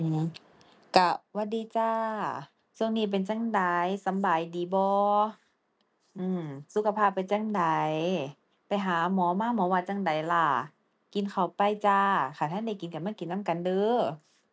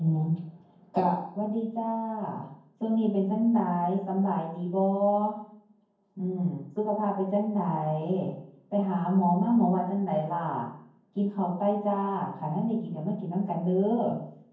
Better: first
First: none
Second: room echo; dies away in 0.9 s

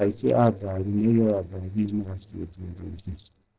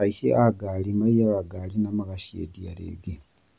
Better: second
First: noise reduction (neural separator model SepFormer DNS4)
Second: none

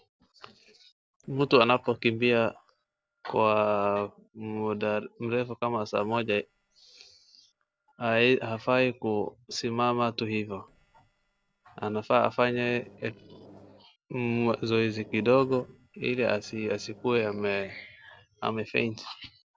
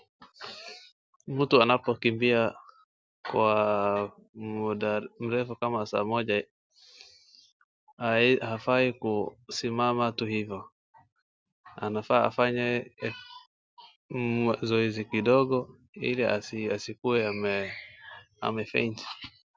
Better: second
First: noise reduction (neural separator model SepFormer DNS4)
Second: none

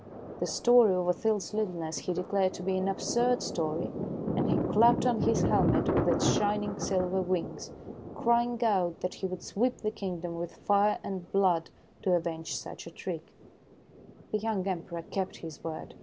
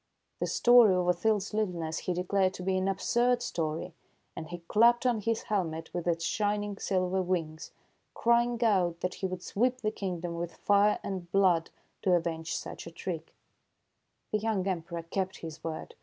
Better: second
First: background sound (Thunder); 5 dB below the speech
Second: none

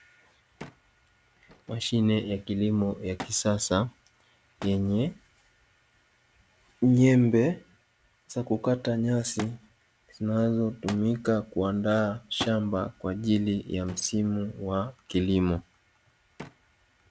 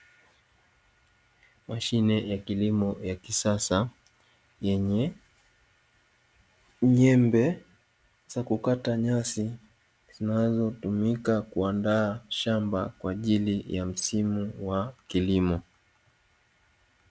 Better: second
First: background sound (Thump, thud); 20 dB below the speech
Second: none

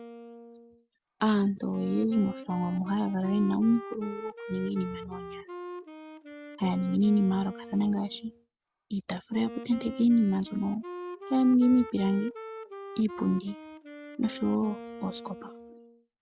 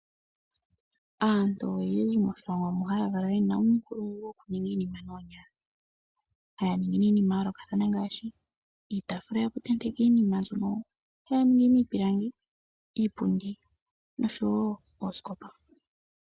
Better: second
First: background sound (Wind instrument, woodwind instrument); 14 dB below the speech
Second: none

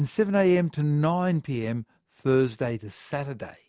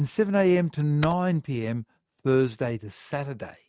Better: first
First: none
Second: noise reduction (neural mask model RNNoise)

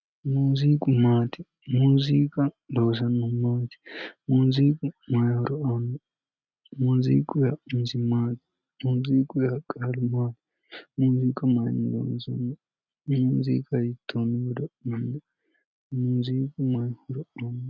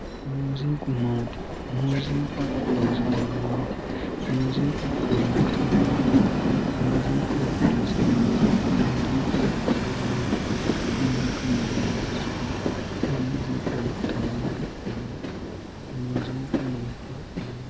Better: first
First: none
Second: background sound (Train); 5 dB above the speech

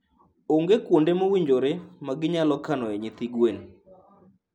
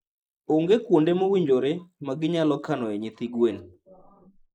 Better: first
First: none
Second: noise reduction (neural mask model Resemble Enhance denoiser)

